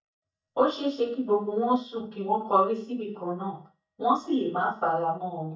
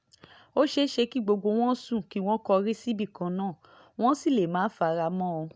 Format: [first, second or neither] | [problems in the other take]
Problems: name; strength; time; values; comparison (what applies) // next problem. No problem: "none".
second | noise reduction (neural mask model DeepFilterNet 3)